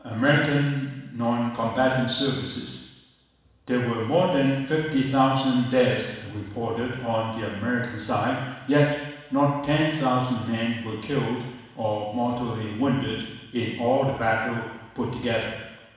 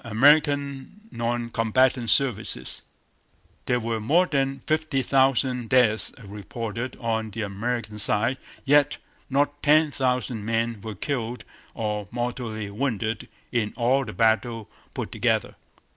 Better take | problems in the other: second | room echo; dies away in 1.1 s

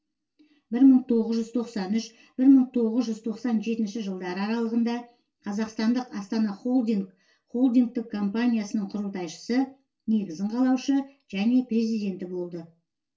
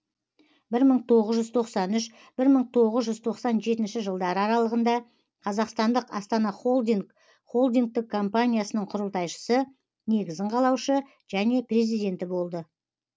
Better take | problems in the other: second | room echo; dies away in 0.2 s

